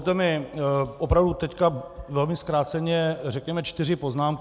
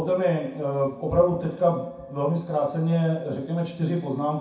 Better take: first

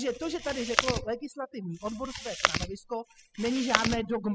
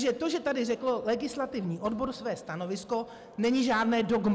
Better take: second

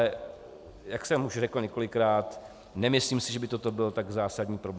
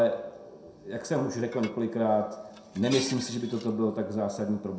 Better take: first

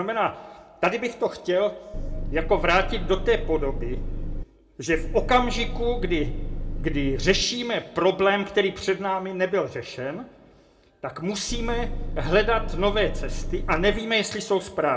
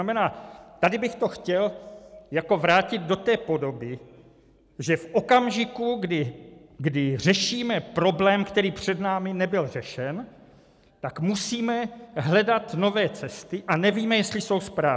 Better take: second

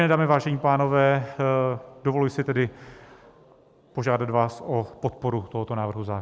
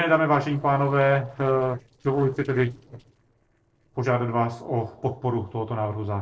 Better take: first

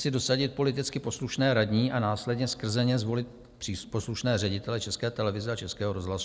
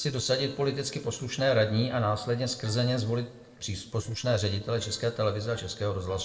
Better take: first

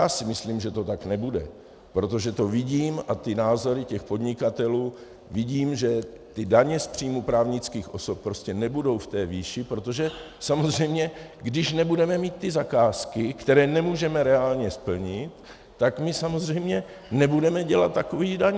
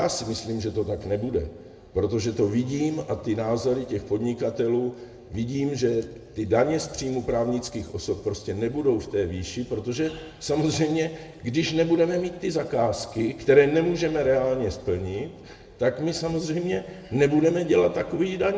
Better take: first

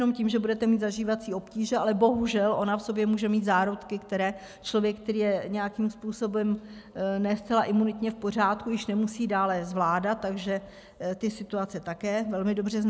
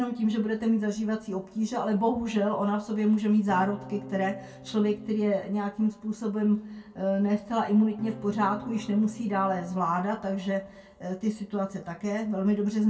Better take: first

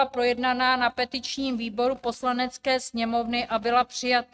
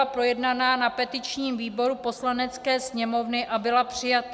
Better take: second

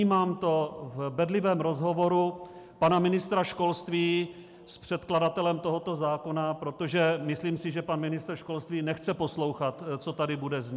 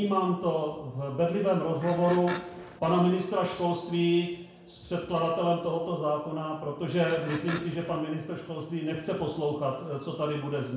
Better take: first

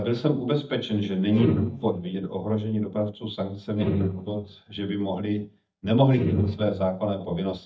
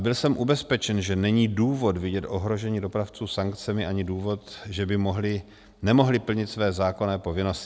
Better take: second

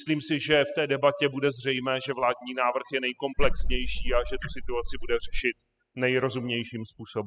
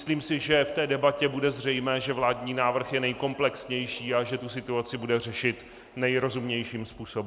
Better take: second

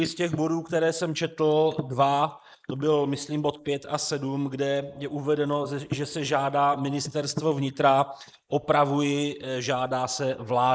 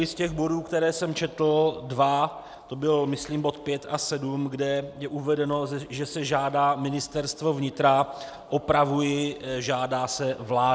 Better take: second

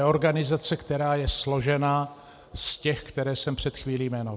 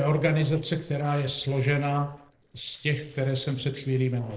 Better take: first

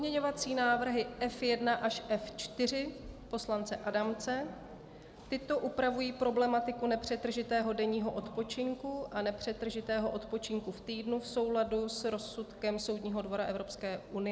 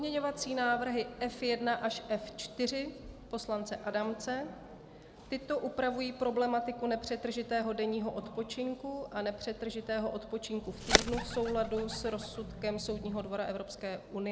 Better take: first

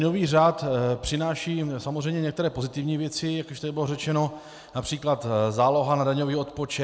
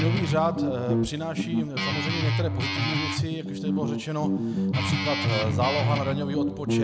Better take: first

